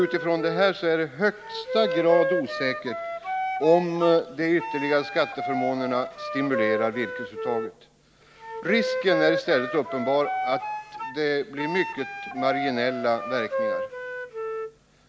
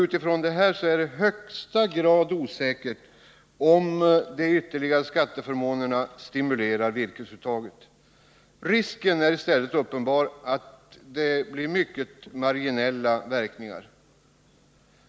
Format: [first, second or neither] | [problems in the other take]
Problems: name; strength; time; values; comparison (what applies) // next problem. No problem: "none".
second | background sound (Wind instrument, woodwind instrument); 5 dB below the speech